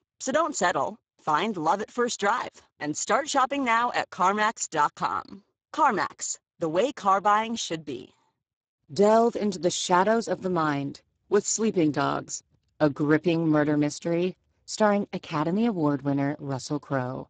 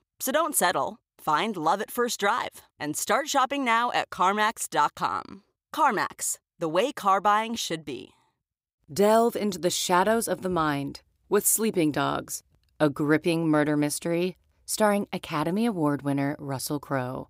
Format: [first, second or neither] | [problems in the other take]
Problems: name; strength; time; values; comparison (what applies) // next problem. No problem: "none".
second | garbled, watery; badly; nothing above 7.5 kHz